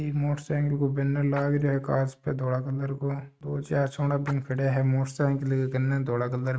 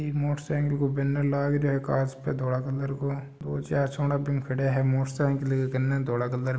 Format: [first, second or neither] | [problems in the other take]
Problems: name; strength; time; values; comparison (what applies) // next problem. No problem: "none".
second | noise reduction (neural mask model RNNoise)